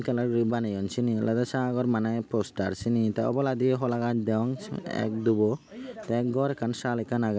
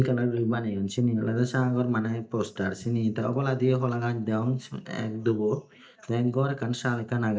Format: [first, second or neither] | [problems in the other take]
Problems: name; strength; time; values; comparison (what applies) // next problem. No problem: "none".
first | noise reduction (neural mask model DeepFilterNet 3)